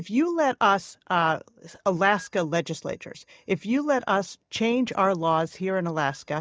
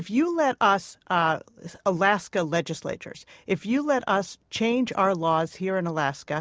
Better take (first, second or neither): second